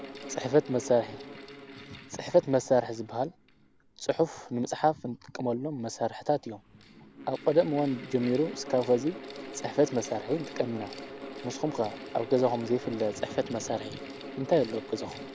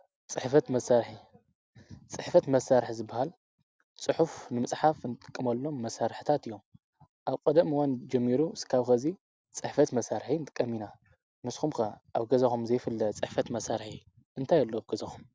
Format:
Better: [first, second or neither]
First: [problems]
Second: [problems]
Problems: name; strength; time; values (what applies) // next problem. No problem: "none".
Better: second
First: background sound (Mechanical fan); 14 dB below the speech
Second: none